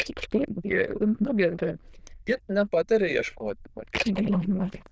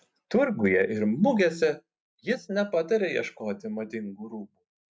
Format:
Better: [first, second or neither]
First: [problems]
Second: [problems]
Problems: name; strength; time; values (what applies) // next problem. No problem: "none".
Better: second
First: noise reduction (neural diffusion model UNIVERSE++)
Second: none